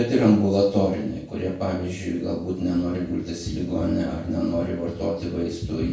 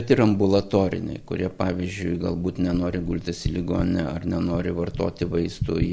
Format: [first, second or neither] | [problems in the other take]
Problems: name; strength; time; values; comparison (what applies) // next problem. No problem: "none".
second | room echo; dies away in 0.6 s